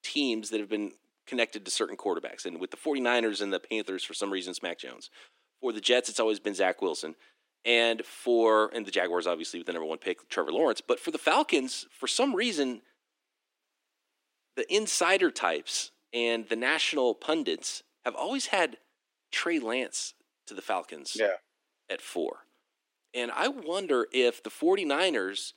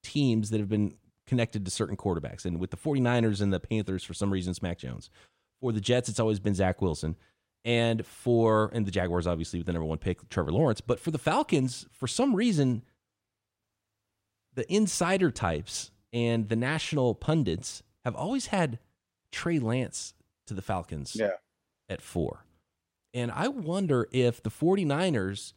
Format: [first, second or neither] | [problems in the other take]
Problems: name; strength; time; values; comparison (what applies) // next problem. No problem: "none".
second | thin; somewhat; fading below 300 Hz